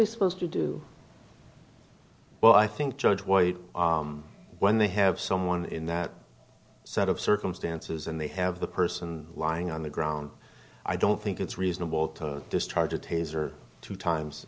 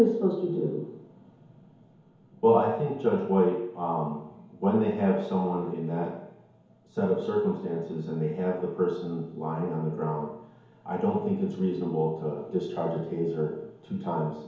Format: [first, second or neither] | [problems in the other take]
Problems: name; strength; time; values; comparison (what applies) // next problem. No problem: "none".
first | room echo; dies away in 1 s